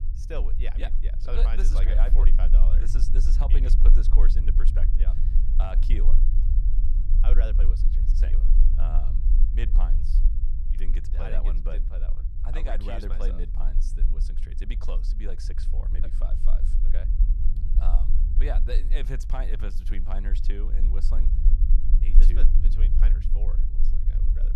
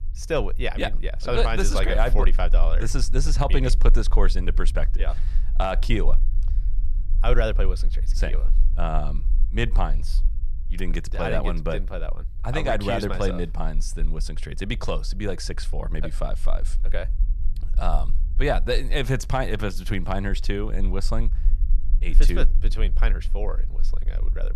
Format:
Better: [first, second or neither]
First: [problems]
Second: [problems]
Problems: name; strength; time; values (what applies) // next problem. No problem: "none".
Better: second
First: low rumble; loud; throughout; 7 dB below the speech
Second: low rumble; faint; throughout; 25 dB below the speech